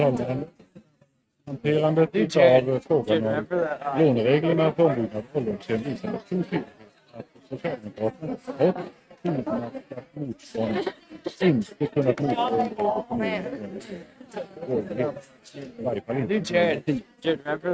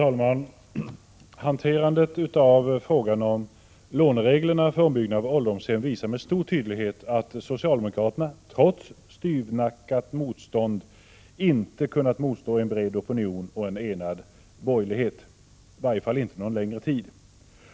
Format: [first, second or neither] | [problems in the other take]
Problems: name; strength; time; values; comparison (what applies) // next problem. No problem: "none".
second | noise reduction (neural mask model RNNoise)